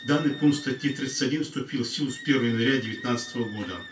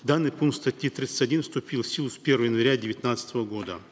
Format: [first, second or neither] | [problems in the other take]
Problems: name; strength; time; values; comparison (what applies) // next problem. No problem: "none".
second | background sound (Wind instrument, woodwind instrument); 17 dB below the speech // room echo; dies away in 0.2 s